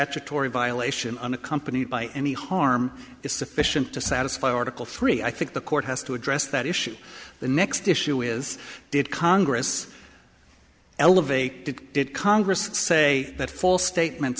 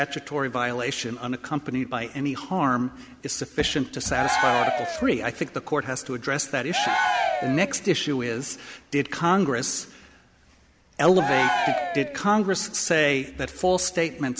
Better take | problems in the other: first | background sound (Cheering); 3 dB below the speech

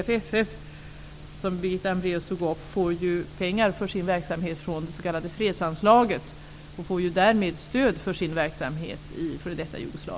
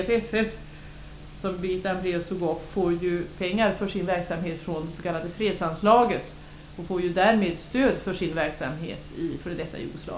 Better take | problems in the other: first | room echo; dies away in 0.4 s

